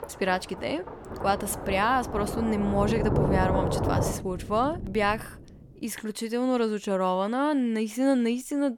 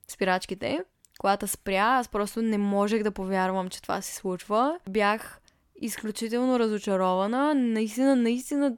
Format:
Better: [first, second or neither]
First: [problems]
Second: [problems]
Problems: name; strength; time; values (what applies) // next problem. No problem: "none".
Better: second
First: rain or running water; loud; until 5.5 s; 3 dB below the speech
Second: none